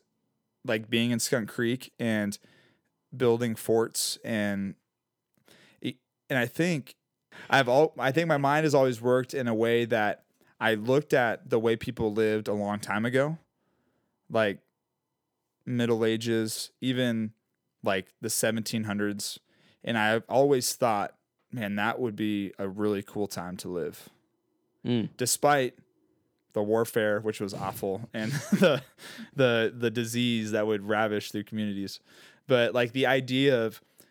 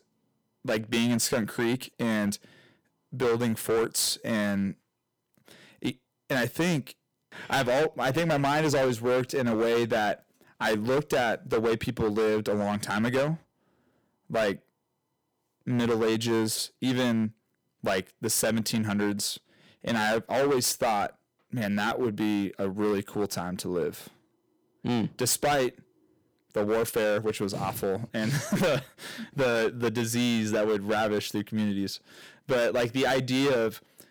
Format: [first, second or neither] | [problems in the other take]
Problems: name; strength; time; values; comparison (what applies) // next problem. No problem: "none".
first | distortion; heavy; 12% of the sound clipped